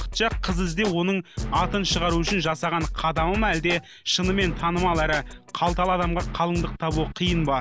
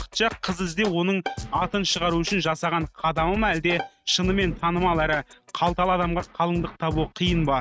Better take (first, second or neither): first